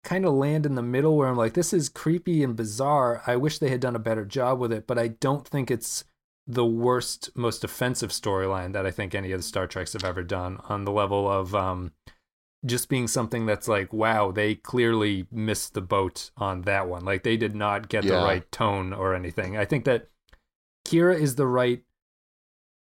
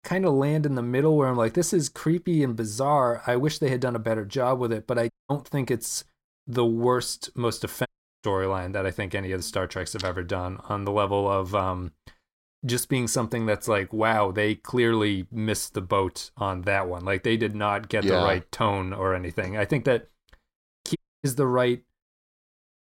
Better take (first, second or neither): first